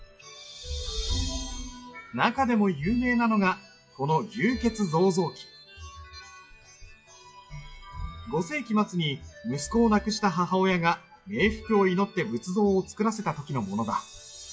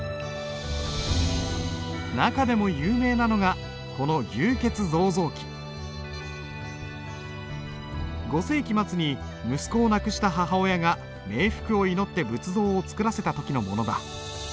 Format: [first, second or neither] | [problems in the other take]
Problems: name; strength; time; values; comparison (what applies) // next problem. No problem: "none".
second | noise reduction (classical method WPE with log-MMSE)